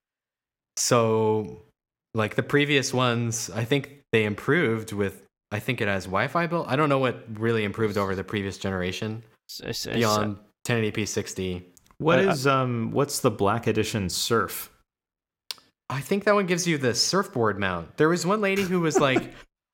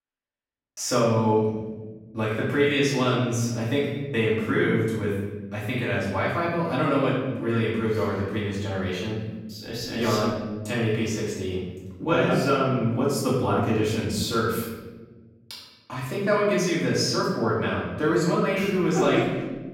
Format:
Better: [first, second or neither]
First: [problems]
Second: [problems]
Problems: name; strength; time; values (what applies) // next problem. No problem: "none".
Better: first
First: none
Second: room echo; noticeable; dies away in 1.3 s // off-mic speech; far